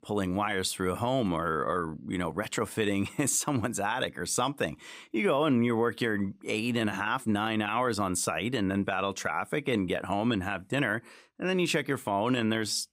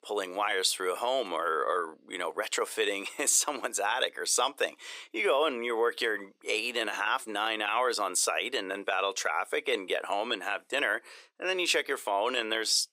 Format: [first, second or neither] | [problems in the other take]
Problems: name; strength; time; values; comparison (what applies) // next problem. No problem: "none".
first | thin; very; fading below 450 Hz